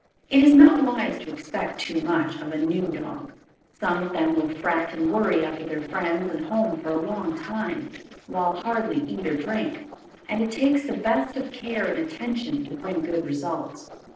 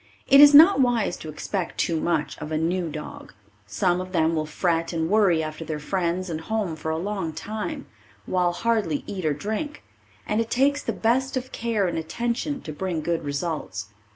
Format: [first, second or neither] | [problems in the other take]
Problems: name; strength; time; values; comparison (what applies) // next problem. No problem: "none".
second | noise reduction (neural separator model SepFormer DNS4)